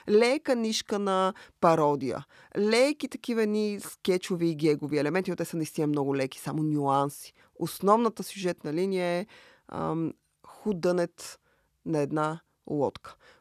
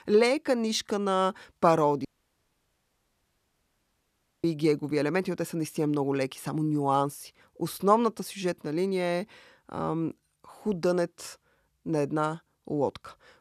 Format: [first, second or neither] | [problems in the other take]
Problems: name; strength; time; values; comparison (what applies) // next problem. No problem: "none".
first | audio cutting out; at 2 s for 2.5 s